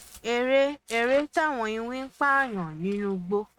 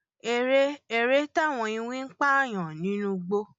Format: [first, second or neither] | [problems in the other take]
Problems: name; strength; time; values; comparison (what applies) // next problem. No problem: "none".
second | noise reduction (neural mask model RNNoise)